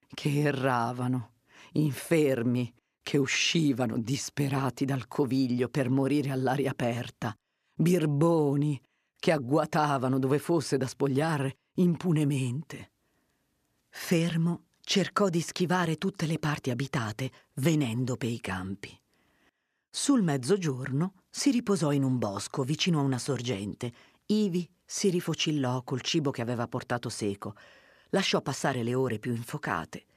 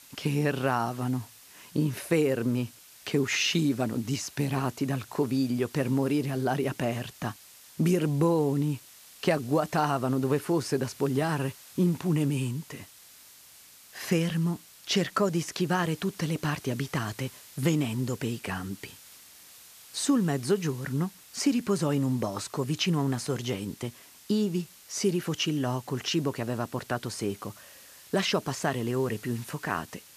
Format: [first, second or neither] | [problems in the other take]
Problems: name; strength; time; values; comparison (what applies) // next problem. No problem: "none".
first | hiss; noticeable; throughout; 20 dB below the speech